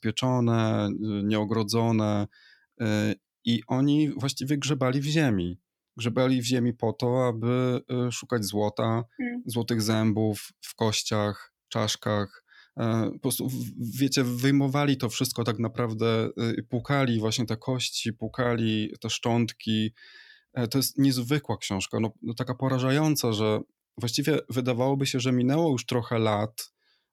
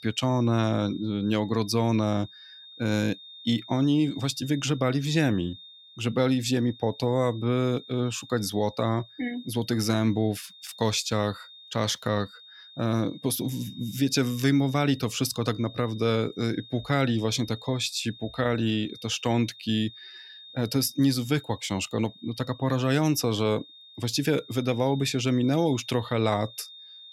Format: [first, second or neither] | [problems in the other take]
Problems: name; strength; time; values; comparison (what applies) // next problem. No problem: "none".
first | high-pitched whine; noticeable; throughout; 3.5 kHz, 20 dB below the speech